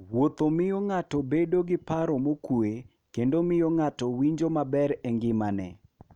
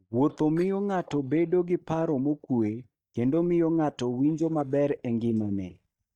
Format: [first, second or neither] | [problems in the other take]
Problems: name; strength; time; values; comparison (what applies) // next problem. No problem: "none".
first | noise reduction (neural mask model DeepFilterNet 3)